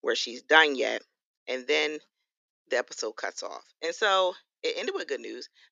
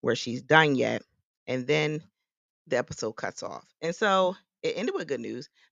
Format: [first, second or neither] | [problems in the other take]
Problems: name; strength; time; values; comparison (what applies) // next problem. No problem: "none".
second | thin; somewhat; fading below 300 Hz